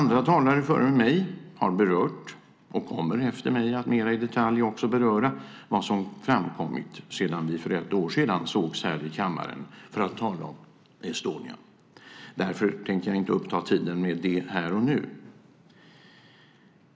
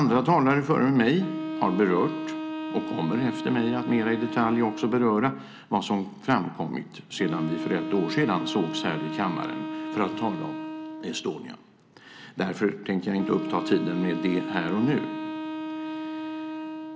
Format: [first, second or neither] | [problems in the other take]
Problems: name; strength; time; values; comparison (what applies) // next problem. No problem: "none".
first | background sound (Wind instrument, woodwind instrument); 7 dB below the speech